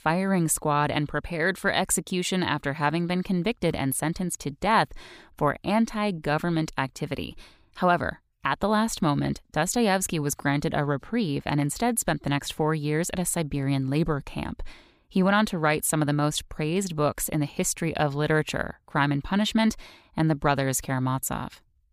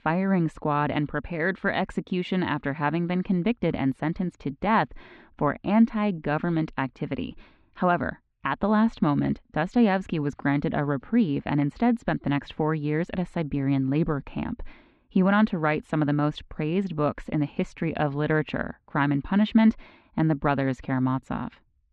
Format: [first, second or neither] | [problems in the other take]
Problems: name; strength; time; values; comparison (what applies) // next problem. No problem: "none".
first | muffled; very; fading above 3 kHz